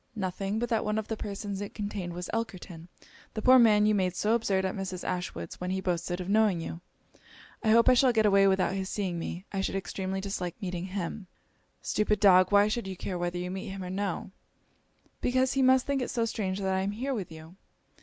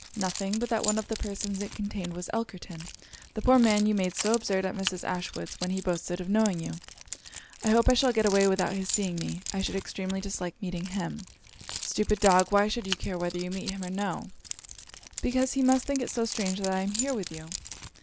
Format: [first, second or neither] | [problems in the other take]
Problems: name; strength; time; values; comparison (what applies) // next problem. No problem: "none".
first | background sound (Keys jangling); 11 dB below the speech